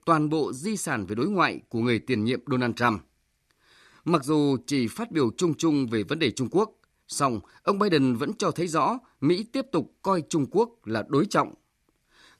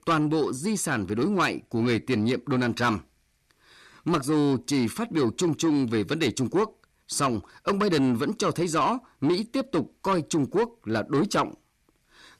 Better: first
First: none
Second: distortion; slight; 10 dB below the speech

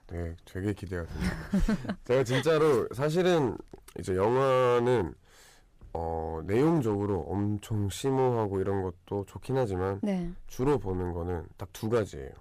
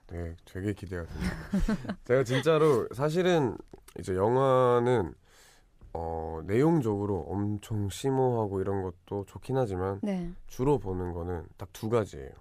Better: second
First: distortion; slight; 4% of the sound clipped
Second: none

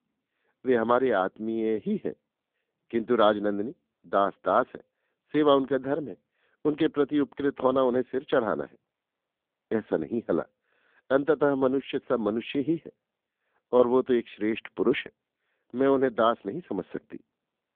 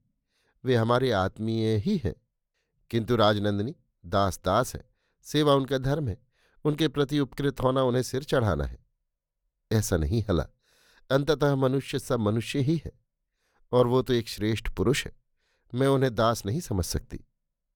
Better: second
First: phone-call audio; poor line; nothing above 3.5 kHz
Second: none

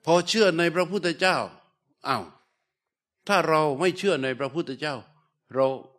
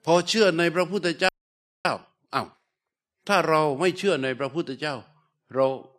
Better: first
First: none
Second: audio freezing; at 1.5 s for 0.5 s

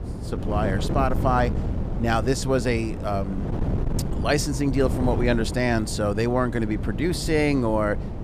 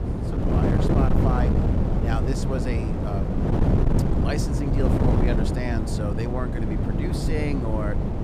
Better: first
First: wind noise on the microphone; occasional gusts; 10 dB below the speech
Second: wind noise on the microphone; heavy; 2 dB above the speech

